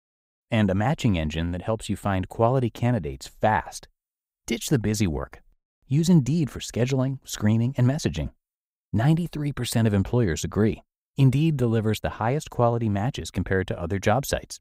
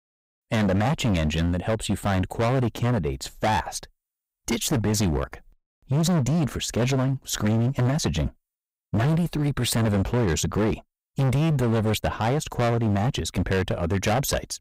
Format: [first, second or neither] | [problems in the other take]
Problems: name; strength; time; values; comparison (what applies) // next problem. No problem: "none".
first | distortion; heavy; 22% of the sound clipped